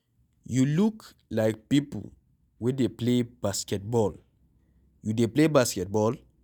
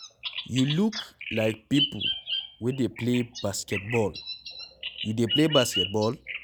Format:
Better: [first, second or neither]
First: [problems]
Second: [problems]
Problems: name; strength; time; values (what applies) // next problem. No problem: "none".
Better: first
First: none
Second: background sound (Bird vocalization, bird call, bird song); 6 dB below the speech